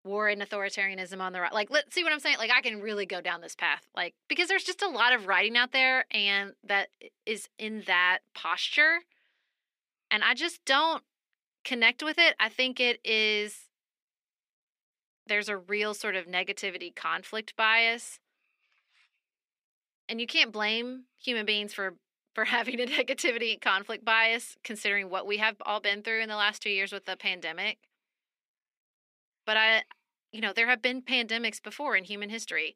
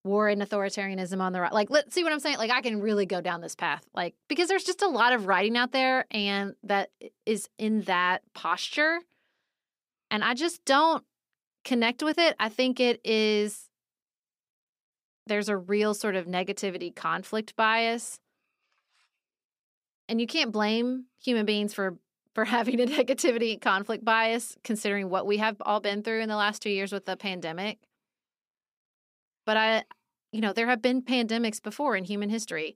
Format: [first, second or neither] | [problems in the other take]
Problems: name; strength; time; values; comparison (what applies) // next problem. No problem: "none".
second | thin; somewhat; fading below 250 Hz